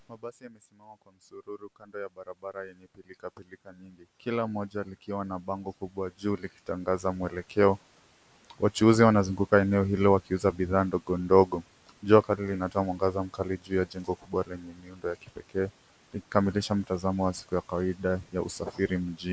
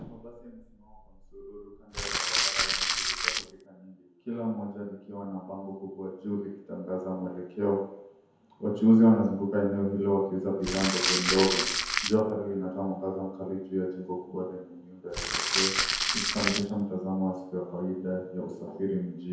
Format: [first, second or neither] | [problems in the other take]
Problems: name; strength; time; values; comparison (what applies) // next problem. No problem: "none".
first | background sound (Crumpling, crinkling); 1 dB above the speech // room echo; dies away in 0.9 s